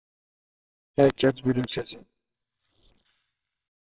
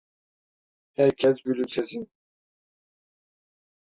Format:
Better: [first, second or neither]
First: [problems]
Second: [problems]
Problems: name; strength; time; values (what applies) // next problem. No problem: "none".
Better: second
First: noise reduction (neural separator model SepFormer WHAMR!)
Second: none